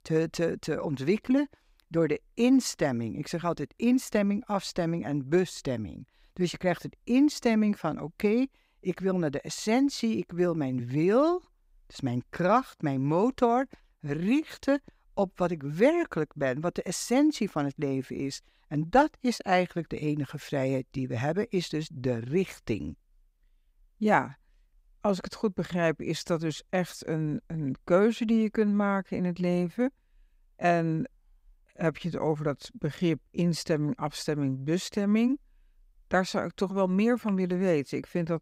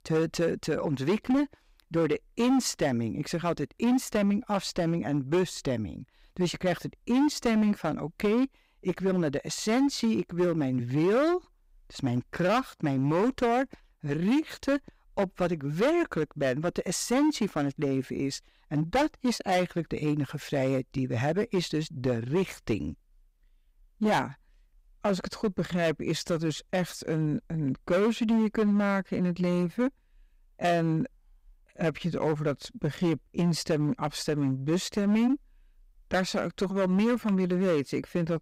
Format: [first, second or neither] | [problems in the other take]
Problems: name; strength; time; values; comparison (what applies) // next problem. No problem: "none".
first | distortion; slight; 8% of the sound clipped